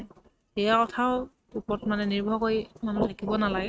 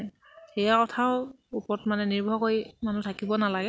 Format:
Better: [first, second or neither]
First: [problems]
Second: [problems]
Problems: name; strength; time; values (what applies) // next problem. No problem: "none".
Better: second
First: noise reduction (neural mask model RNNoise)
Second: none